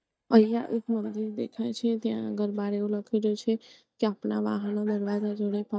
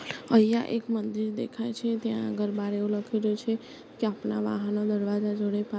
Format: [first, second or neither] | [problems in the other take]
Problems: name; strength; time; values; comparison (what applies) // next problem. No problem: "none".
second | noise reduction (neural mask model DeepFilterNet 3)